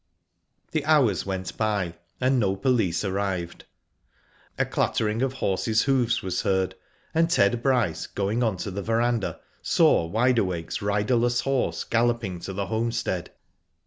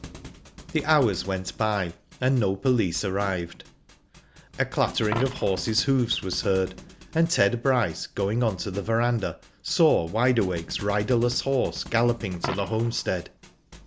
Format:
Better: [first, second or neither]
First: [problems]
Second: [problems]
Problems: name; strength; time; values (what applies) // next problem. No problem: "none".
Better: first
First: none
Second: background sound (Thump, thud + Coin (dropping)); 16 dB below the speech